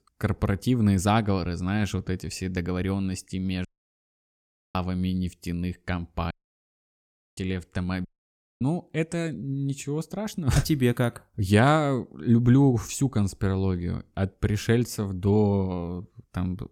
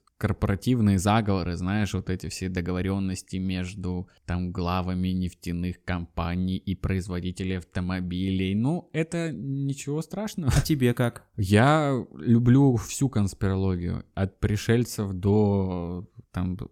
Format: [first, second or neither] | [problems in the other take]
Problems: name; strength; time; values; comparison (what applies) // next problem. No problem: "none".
second | audio cutting out; at 3.5 s for 1 s, at 6.5 s for 1 s and at 8 s for 0.5 s